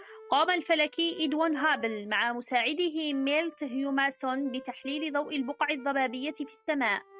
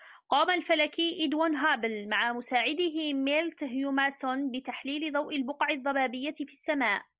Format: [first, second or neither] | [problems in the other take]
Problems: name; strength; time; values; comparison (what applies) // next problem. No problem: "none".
second | noise reduction (neural mask model RNNoise)